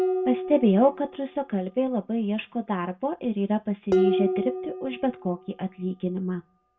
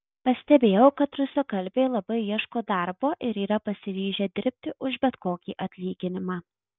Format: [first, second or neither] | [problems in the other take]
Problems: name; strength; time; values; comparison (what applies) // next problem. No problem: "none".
second | background sound (Dishes, pots, and pans); 5 dB below the speech // room echo; dies away in 0.2 s